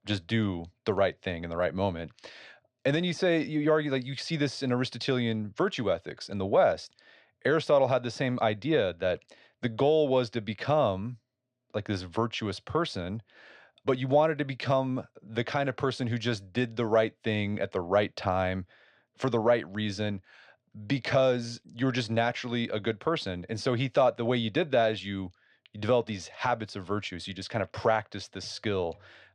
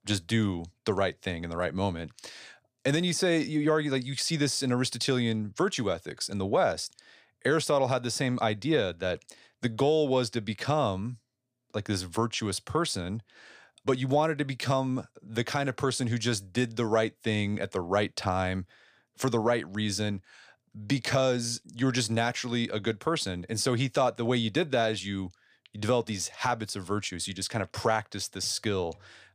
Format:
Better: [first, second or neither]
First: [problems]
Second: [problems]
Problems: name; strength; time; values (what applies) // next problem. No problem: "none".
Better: second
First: muffled; slightly; fading above 3 kHz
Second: none